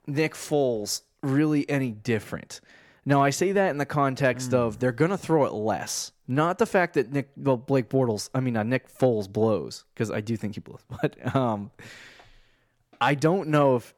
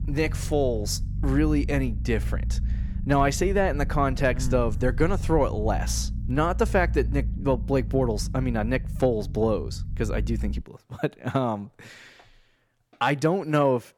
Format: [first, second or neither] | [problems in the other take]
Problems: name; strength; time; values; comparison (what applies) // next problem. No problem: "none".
first | low rumble; noticeable; until 11 s; 20 dB below the speech